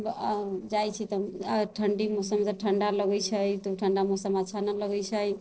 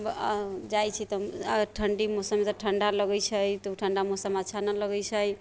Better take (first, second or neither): second